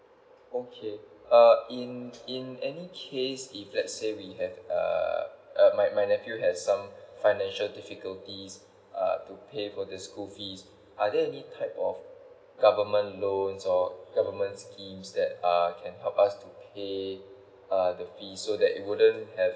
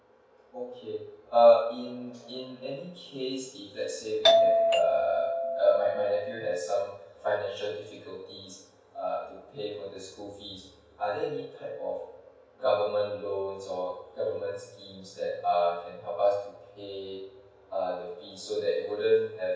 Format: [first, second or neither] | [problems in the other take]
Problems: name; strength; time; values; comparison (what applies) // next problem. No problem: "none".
first | background sound (Doorbell); 5 dB above the speech // room echo; dies away in 0.5 s